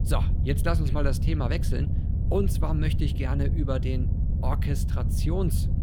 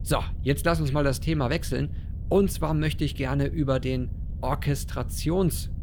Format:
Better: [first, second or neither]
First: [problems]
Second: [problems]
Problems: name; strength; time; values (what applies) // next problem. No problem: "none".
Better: second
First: low rumble; loud; throughout; 8 dB below the speech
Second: low rumble; faint; throughout; 20 dB below the speech